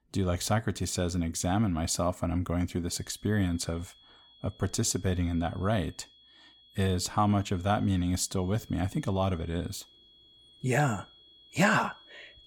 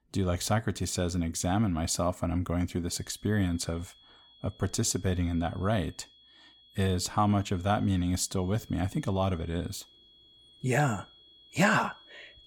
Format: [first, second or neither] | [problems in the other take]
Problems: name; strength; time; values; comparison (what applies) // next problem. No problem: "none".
neither | high-pitched whine; faint; from 3 s on; 3.5 kHz, 25 dB below the speech; the same in both